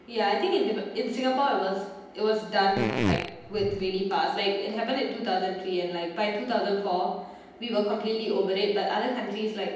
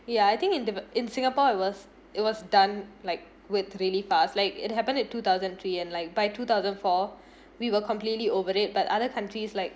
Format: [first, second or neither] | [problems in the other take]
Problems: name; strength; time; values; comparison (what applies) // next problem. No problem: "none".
second | background sound (Fart); 2 dB below the speech // room echo; dies away in 0.9 s